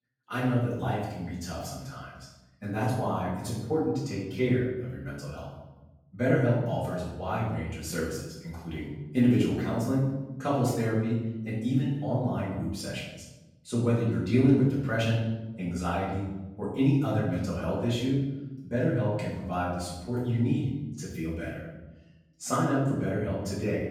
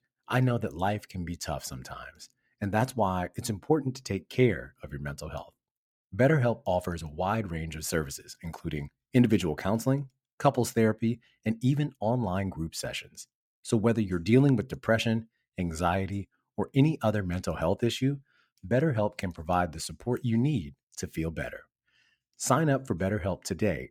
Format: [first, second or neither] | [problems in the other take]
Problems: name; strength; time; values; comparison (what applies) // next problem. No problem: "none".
second | room echo; noticeable; dies away in 1 s // off-mic speech; far